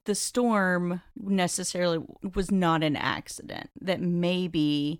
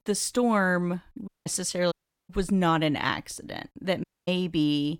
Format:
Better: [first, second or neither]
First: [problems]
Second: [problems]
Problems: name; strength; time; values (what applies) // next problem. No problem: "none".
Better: first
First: none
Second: audio cutting out; at 1.5 s, at 2 s and at 4 s